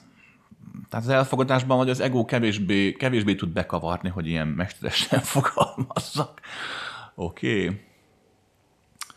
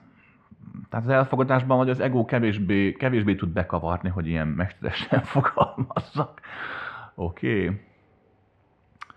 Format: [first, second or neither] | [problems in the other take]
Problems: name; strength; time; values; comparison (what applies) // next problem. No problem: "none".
first | muffled; very; fading above 2 kHz